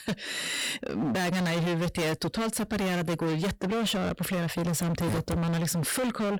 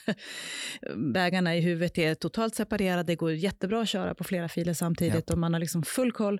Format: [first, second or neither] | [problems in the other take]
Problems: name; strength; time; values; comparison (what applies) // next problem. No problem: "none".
second | distortion; heavy; 39% of the sound clipped